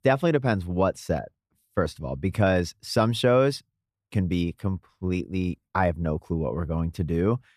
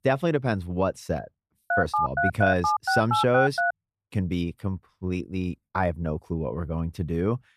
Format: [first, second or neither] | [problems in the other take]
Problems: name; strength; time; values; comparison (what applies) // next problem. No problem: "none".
first | phone ringing; loud; from 1.5 to 3.5 s; peak 3 dB above the speech